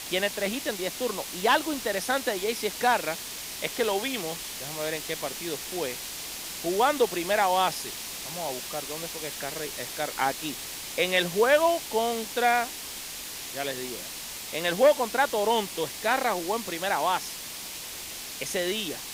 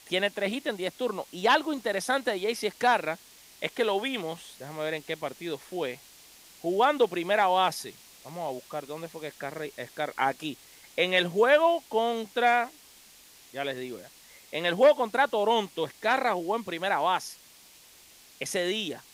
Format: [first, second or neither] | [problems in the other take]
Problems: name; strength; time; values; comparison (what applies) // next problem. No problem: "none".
second | hiss; loud; throughout; 7 dB below the speech; faint in the second